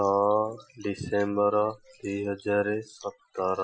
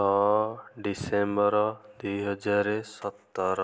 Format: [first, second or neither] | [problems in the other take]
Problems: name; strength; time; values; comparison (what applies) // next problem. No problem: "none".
second | noise reduction (classical method Wiener filter)